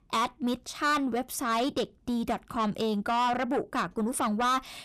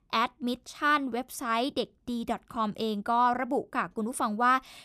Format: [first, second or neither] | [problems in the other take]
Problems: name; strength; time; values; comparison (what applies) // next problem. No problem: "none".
second | distortion; heavy; 8 dB below the speech